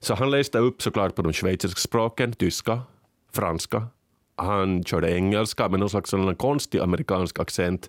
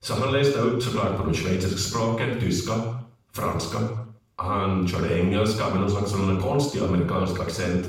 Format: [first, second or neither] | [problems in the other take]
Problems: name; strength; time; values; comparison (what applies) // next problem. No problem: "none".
first | room echo; noticeable; dies away in 0.6 s // off-mic speech; far